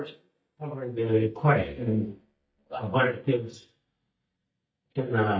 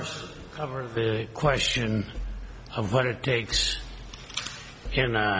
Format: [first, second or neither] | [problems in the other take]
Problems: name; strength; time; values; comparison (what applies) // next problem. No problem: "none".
second | noise reduction (neural mask model DeepFilterNet 3)